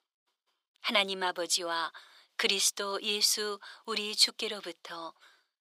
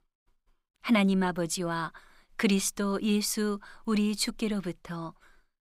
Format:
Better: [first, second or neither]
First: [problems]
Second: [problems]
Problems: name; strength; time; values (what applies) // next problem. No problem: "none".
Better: second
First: thin; very; fading below 450 Hz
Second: none